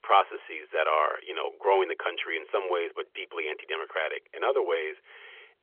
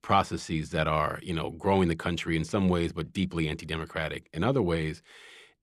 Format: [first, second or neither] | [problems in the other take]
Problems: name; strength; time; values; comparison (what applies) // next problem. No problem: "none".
second | phone-call audio; nothing above 3.5 kHz